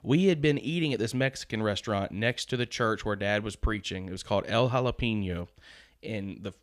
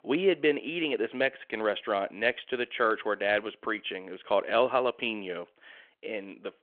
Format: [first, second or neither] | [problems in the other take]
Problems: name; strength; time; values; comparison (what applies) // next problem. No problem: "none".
first | phone-call audio